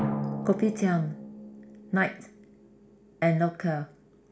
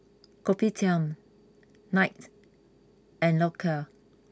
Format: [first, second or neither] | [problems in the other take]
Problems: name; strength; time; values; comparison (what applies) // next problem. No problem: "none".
second | background sound (Drum); 8 dB below the speech // room echo; dies away in 0.4 s